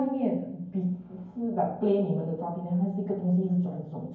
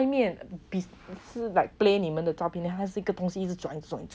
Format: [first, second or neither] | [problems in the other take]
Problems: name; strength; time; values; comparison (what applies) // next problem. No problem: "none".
second | room echo; dies away in 0.9 s